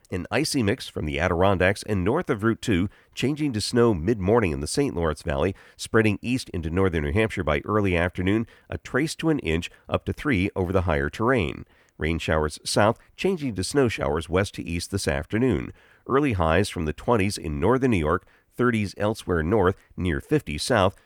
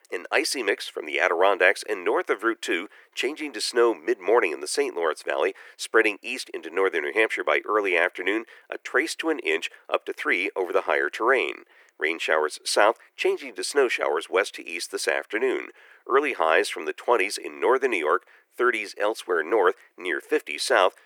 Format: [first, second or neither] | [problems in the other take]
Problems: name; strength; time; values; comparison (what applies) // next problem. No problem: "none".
first | thin; very; fading below 350 Hz